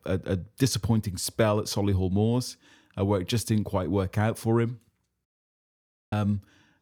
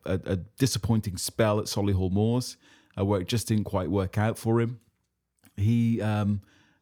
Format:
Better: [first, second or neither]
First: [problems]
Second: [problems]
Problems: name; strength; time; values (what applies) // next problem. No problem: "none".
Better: second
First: audio cutting out; at 5.5 s for 1 s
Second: none